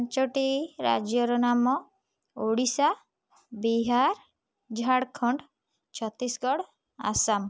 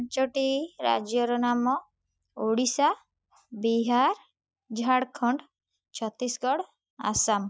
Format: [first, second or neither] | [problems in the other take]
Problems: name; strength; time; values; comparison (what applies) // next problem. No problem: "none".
first | noise reduction (classical method Wiener filter)